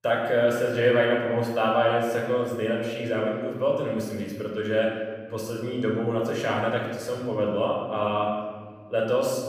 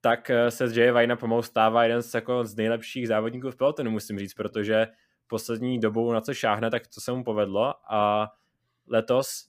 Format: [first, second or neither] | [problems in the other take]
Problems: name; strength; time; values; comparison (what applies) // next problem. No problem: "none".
second | off-mic speech; somewhat distant // room echo; noticeable; dies away in 1.5 s